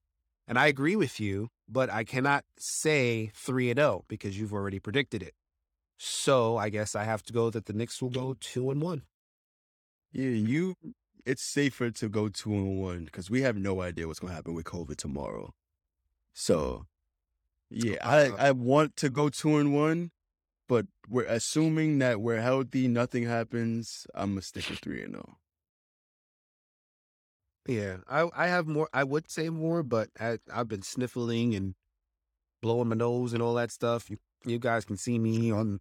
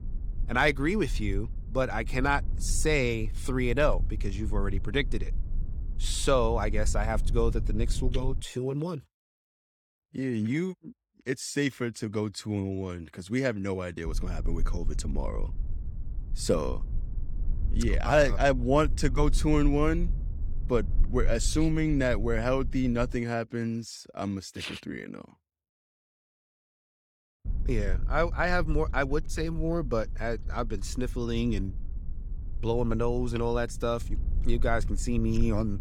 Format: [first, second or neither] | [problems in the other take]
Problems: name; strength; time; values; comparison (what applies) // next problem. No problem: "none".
first | low rumble; faint; until 8.5 s, from 14 to 23 s and from 27 s on; 20 dB below the speech